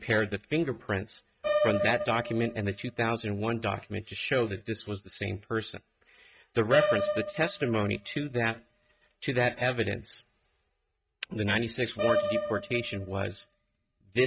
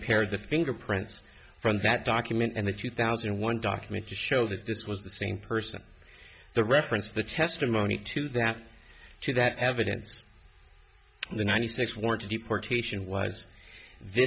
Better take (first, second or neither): second